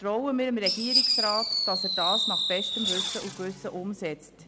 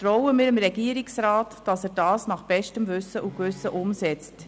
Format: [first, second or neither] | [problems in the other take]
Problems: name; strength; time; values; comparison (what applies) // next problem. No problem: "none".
second | background sound (Fireworks); 3 dB above the speech